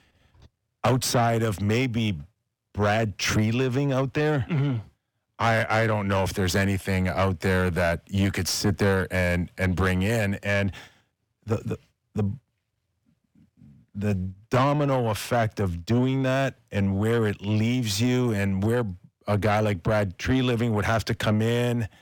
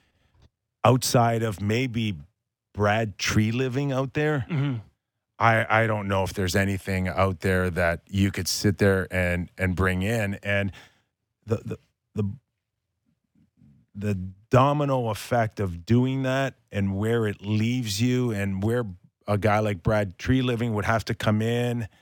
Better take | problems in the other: second | distortion; slight; 10 dB below the speech

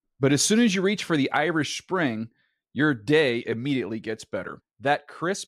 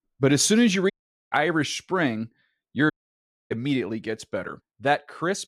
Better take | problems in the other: first | audio cutting out; at 1 s and at 3 s for 0.5 s

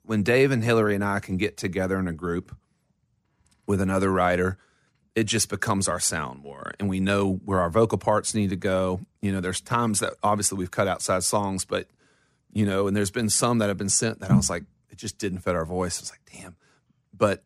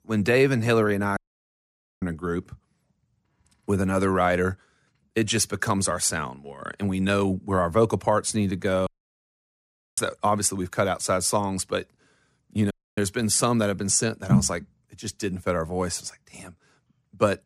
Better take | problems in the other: first | audio cutting out; at 1 s for 1 s, at 9 s for 1 s and at 13 s

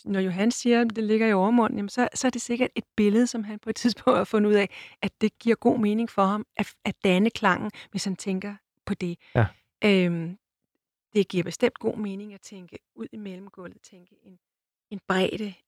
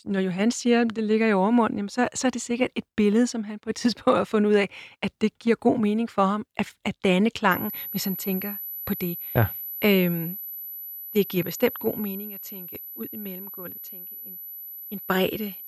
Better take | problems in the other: first | high-pitched whine; loud; from 7.5 s on; 12 kHz, 9 dB below the speech

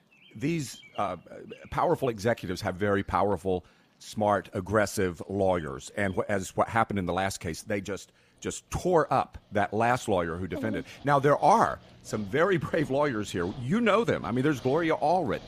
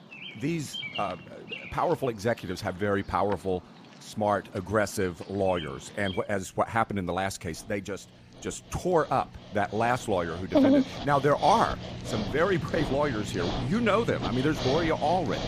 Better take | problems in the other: first | animal sounds; loud; throughout; 4 dB below the speech; faint in the first

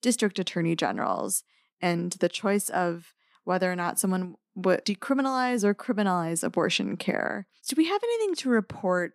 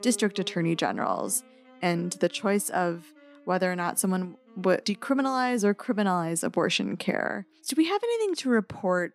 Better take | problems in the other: first | background music; faint; throughout; 25 dB below the speech

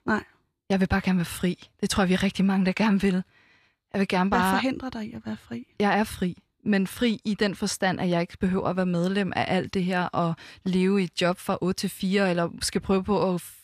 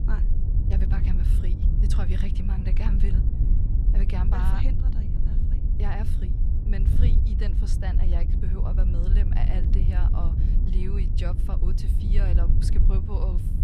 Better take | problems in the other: first | wind noise on the microphone; heavy; 1 dB below the speech

